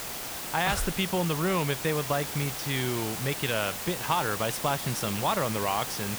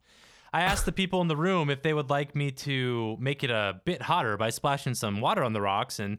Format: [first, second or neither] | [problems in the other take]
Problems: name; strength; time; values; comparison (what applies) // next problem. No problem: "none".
second | hiss; loud; throughout; 4 dB below the speech